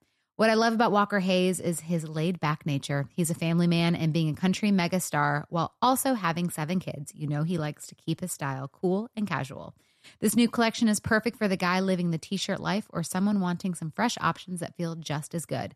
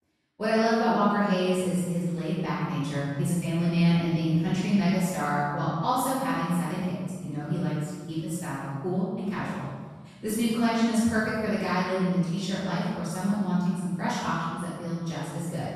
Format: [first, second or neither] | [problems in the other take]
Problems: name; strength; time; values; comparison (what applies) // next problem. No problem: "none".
first | off-mic speech; far // room echo; strong; dies away in 1.4 s